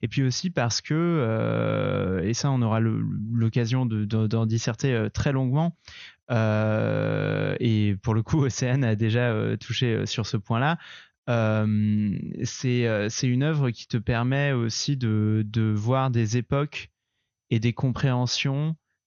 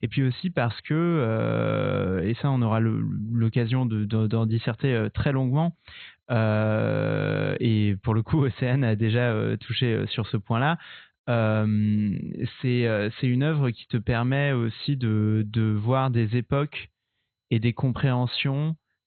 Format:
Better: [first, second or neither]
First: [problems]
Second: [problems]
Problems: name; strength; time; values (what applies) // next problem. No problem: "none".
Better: first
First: garbled, watery; slightly; nothing above 6.5 kHz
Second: garbled, watery; badly; nothing above 4 kHz